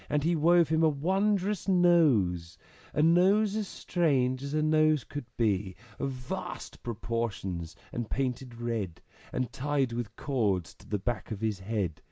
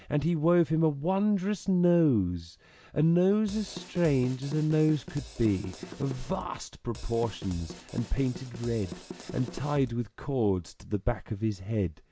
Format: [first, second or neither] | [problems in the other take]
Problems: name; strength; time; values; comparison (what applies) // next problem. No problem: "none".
first | background sound (Drum kit); 14 dB below the speech